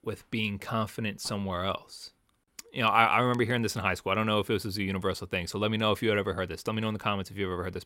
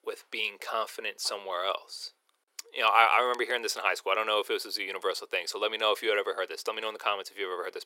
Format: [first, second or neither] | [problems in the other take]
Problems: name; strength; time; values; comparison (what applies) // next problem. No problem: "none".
first | thin; very; fading below 400 Hz